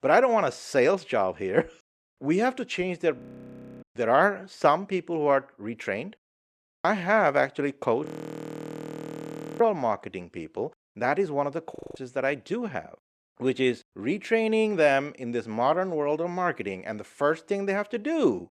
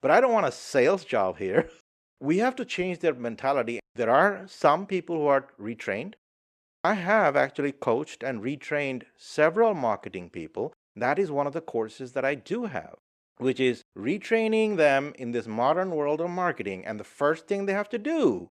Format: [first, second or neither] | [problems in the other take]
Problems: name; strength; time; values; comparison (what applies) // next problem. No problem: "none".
second | audio freezing; at 3 s for 0.5 s, at 8 s for 1.5 s and at 12 s